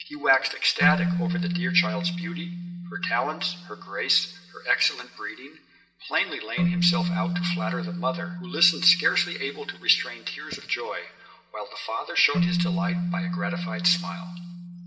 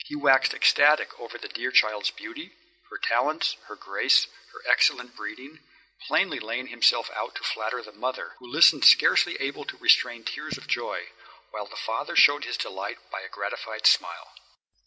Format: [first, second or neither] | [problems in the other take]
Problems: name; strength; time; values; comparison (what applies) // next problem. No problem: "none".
second | background sound (Keyboard (musical)); 2 dB below the speech // room echo; dies away in 0.8 s